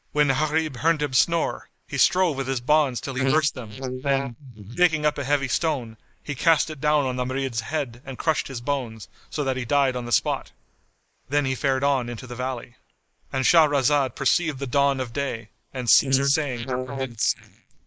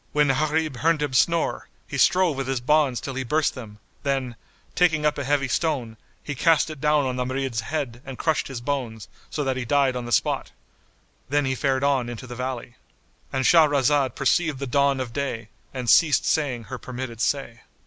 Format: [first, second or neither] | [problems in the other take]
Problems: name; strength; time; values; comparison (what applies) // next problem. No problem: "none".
second | noise reduction (neural mask model Resemble Enhance denoiser)